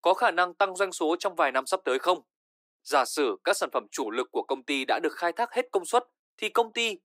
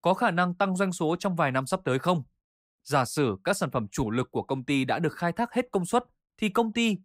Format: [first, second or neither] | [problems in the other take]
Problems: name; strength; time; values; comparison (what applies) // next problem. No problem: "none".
second | thin; very; fading below 300 Hz